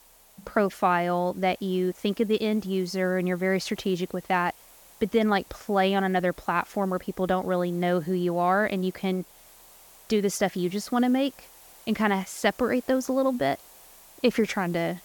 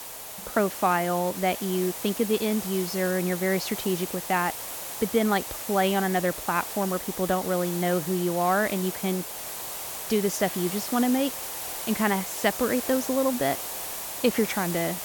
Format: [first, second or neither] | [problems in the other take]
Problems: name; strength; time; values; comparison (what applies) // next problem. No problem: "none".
first | hiss; loud; throughout; 6 dB below the speech; faint in the first